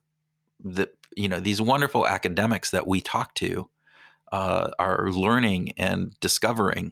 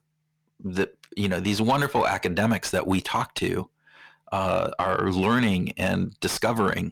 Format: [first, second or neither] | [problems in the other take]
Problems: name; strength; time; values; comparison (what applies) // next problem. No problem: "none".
first | distortion; slight; 10 dB below the speech